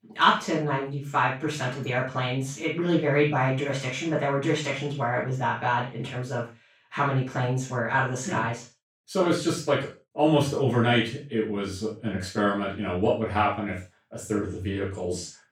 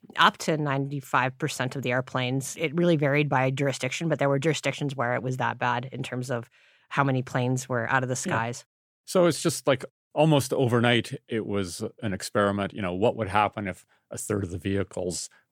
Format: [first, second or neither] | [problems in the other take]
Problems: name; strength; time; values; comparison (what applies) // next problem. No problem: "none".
second | room echo; noticeable; dies away in 0.3 s // off-mic speech; far